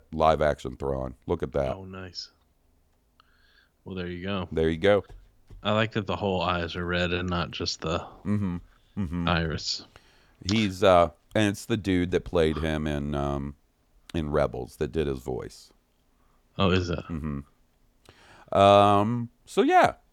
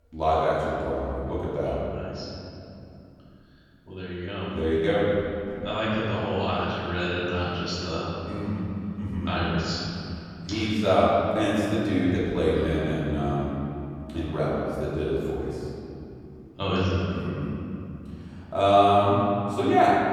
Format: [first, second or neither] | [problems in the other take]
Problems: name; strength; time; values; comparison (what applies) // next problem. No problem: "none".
first | room echo; strong; dies away in 3 s // off-mic speech; far